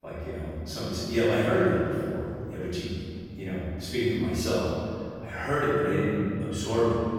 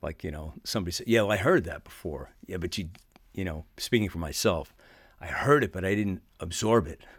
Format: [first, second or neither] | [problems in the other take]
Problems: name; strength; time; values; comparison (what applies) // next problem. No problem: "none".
second | off-mic speech; far // room echo; strong; dies away in 2.8 s